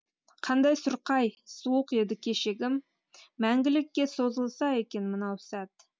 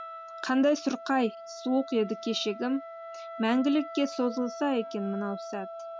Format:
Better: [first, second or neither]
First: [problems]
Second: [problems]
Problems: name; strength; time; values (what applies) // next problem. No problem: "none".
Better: first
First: none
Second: background sound (Wind instrument, woodwind instrument); 12 dB below the speech